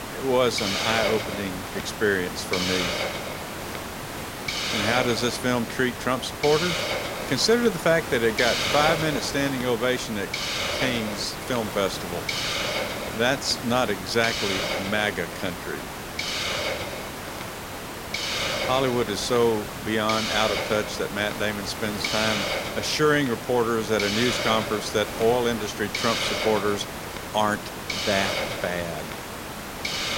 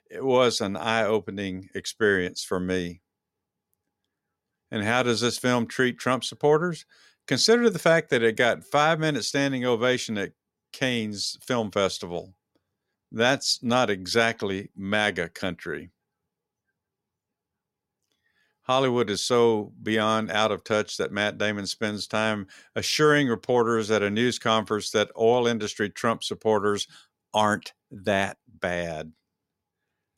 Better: second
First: hiss; loud; throughout; 3 dB below the speech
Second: none

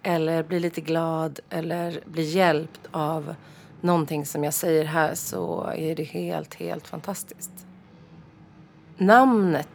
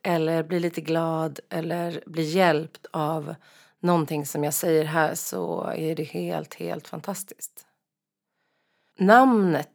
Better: second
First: train or aircraft noise; faint; throughout; 25 dB below the speech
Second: none

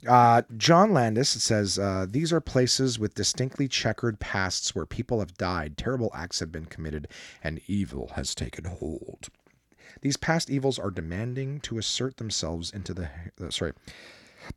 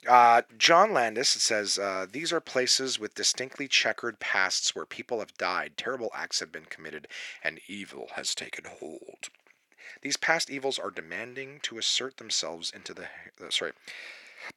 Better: first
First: none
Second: thin; very; fading below 500 Hz

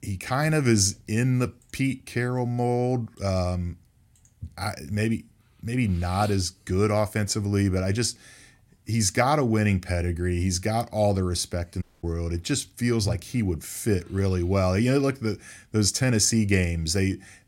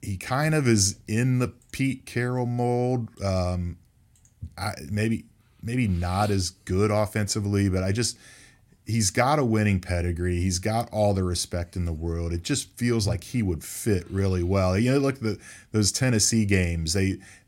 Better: second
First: audio cutting out; at 12 s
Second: none

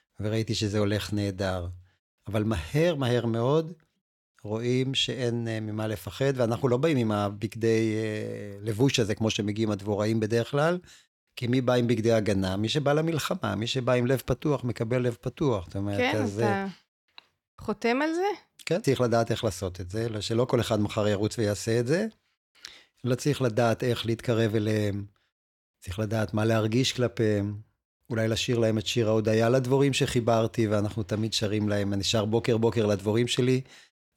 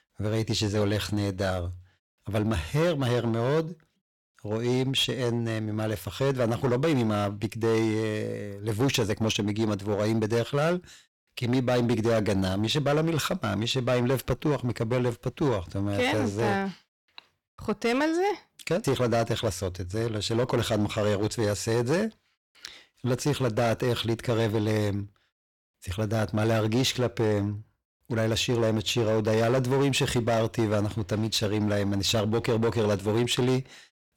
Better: first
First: none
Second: distortion; slight; 10% of the sound clipped

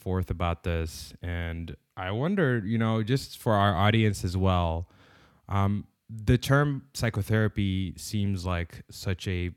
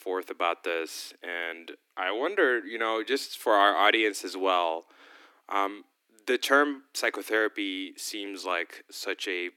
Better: first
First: none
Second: thin; very; fading below 300 Hz

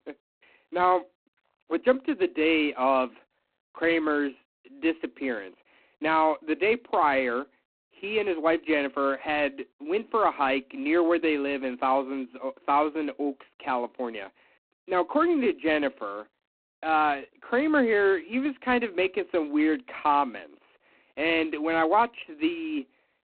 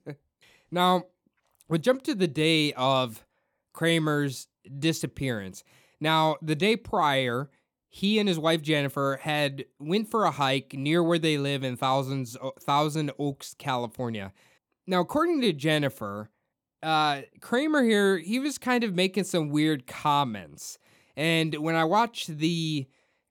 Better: second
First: phone-call audio; poor line; nothing above 4 kHz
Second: none

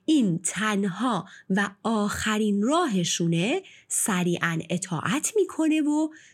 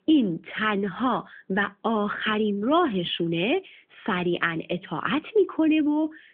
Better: first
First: none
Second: phone-call audio; nothing above 3.5 kHz

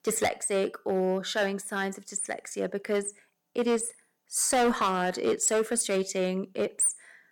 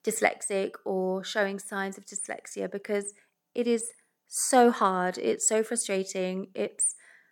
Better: second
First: distortion; heavy; 6% of the sound clipped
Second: none

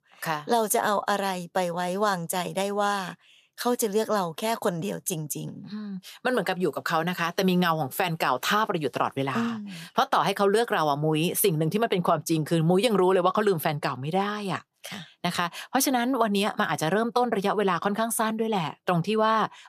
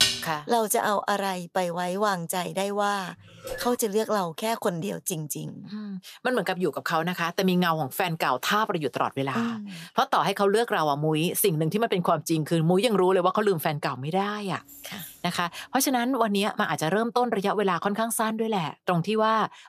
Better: first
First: none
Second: clattering dishes; loud; at the start; peak 3 dB above the speech // phone ringing; faint; at 3.5 s; peak 10 dB below the speech // jangling keys; faint; from 15 to 16 s; peak 15 dB below the speech

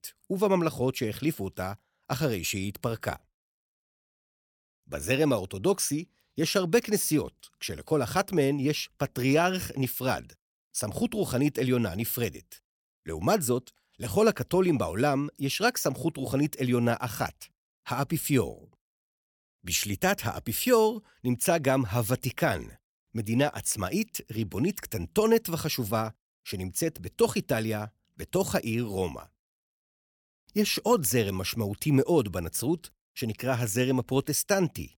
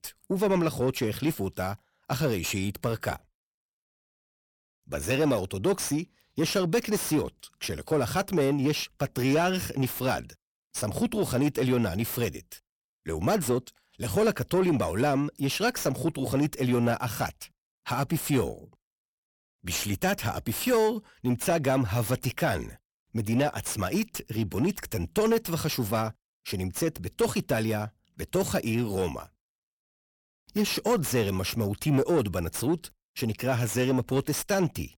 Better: first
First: none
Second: distortion; slight; 10 dB below the speech

